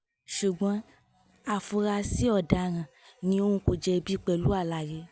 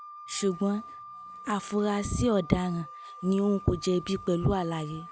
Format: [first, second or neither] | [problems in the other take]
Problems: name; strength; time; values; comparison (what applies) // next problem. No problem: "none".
first | background sound (Wind instrument, woodwind instrument); 16 dB below the speech